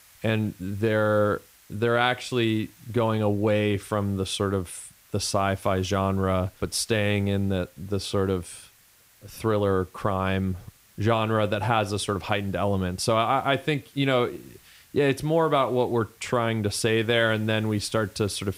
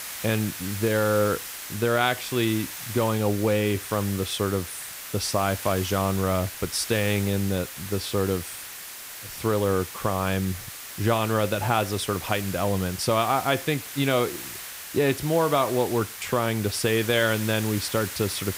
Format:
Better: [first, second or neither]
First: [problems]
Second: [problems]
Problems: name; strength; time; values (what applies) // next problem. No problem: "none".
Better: first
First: hiss; faint; throughout; 30 dB below the speech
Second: hiss; loud; throughout; 9 dB below the speech